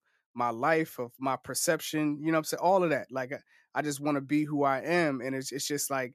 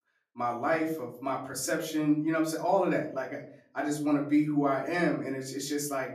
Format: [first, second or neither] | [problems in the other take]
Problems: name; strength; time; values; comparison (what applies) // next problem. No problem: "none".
first | off-mic speech; far // room echo; slight; dies away in 0.5 s